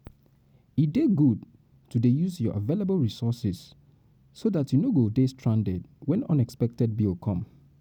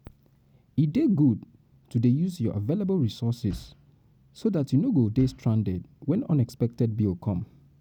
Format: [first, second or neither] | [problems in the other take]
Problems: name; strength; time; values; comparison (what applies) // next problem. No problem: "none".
first | background sound (Bass drum); 20 dB below the speech